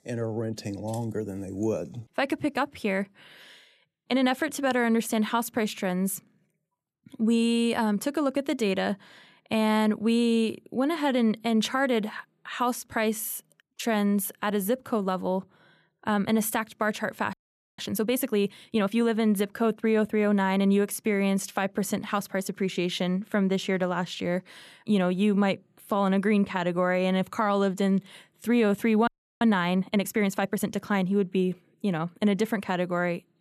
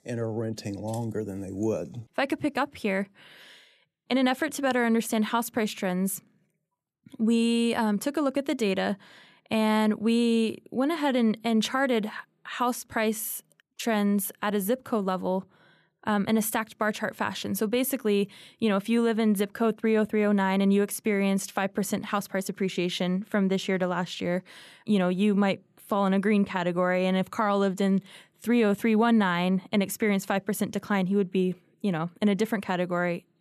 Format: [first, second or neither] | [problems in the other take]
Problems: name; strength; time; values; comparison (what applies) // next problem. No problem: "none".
second | audio freezing; at 17 s and at 29 s